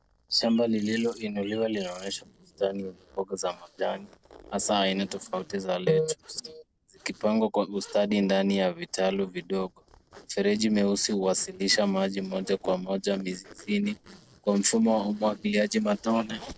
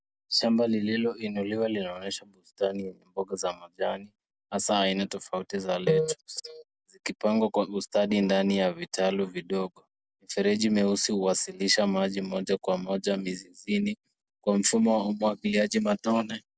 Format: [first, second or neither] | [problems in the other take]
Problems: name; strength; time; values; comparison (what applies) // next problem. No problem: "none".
second | noise reduction (neural separator model SepFormer DNS4)